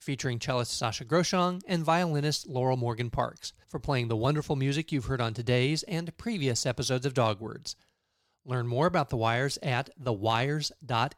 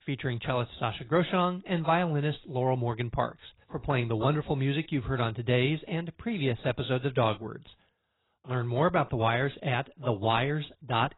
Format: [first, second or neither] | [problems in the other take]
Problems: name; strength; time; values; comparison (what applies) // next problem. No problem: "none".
first | garbled, watery; badly; nothing above 4 kHz